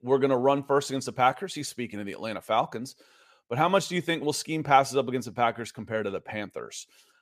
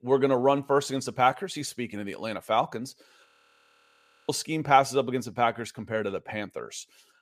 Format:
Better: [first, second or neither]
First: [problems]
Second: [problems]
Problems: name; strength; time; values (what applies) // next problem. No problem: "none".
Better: first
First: none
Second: audio freezing; at 3.5 s for 1 s